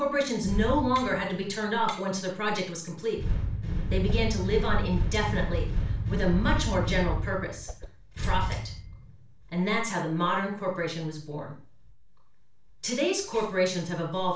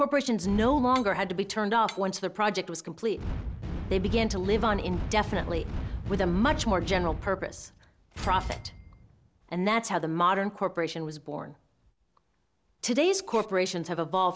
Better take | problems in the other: second | background sound (Whoosh, swoosh, swish); 16 dB below the speech // room echo; dies away in 0.3 s

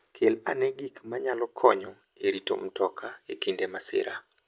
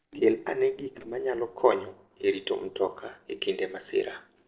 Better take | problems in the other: first | noise reduction (neural separator model SepFormer DNS4)

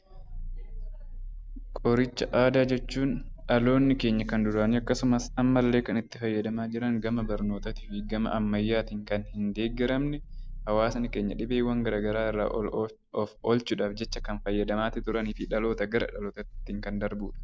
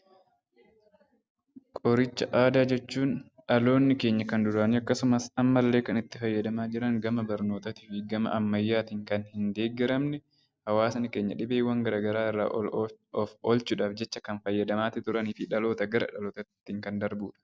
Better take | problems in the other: second | background sound (Growling); 10 dB below the speech

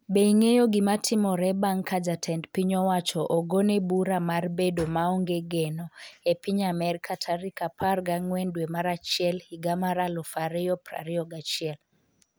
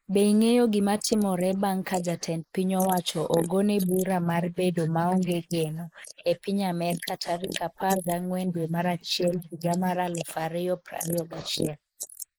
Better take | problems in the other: first | noise reduction (neural mask model Resemble Enhance denoiser)

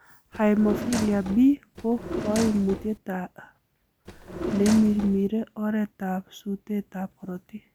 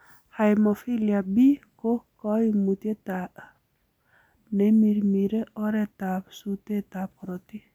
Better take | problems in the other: second | background sound (Drawer open or close); 7 dB below the speech

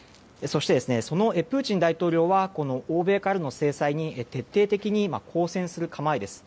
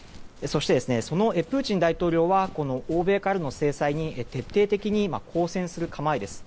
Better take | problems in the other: first | background sound (Run); 16 dB below the speech

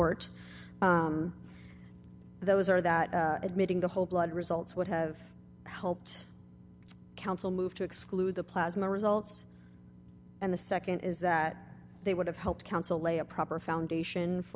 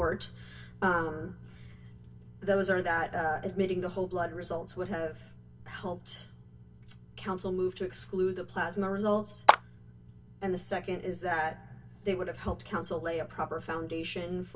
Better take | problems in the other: first | background sound (Clapping); 4 dB above the speech // room echo; dies away in 0.1 s

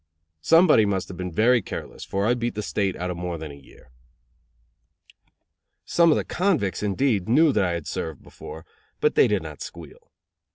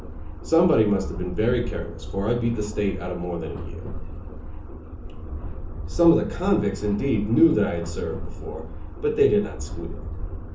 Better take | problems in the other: first | background sound (Subway, metro, underground); 7 dB below the speech // room echo; dies away in 0.8 s

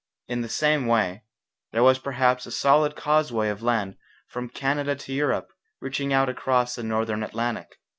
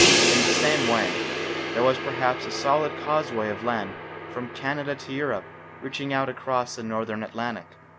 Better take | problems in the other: first | background sound (Crash cymbal); as loud as the speech

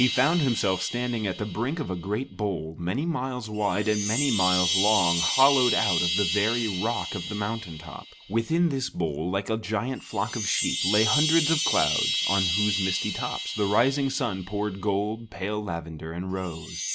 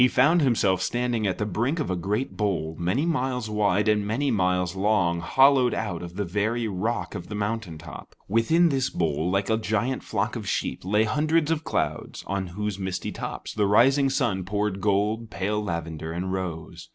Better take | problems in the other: second | background sound (Chime); 4 dB below the speech

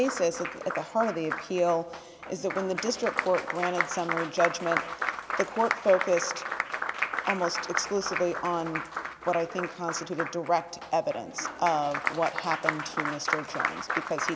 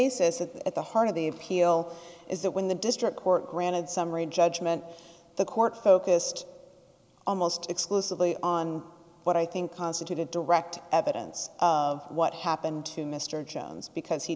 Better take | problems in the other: second | background sound (Applause); 4 dB below the speech

